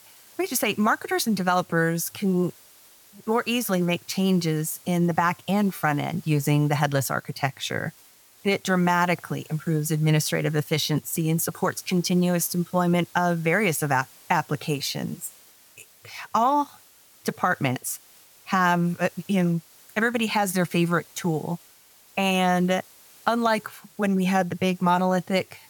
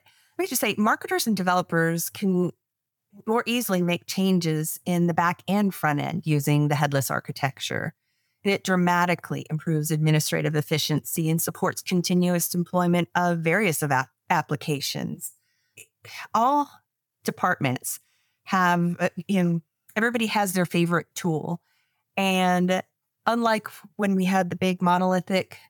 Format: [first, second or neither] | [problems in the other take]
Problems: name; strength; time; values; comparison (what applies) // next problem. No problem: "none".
second | hiss; faint; throughout; 25 dB below the speech